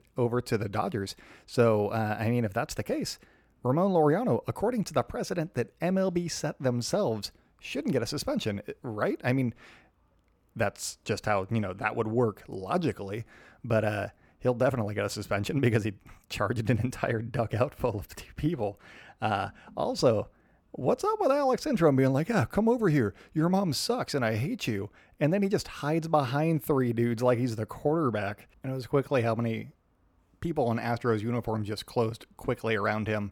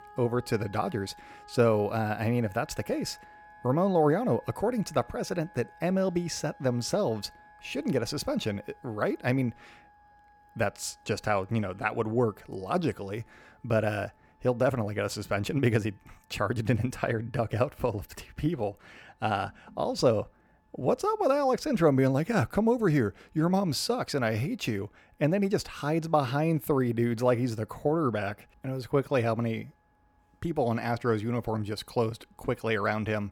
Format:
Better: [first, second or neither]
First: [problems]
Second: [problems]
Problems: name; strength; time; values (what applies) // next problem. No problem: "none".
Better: first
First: none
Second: background music; faint; throughout; 25 dB below the speech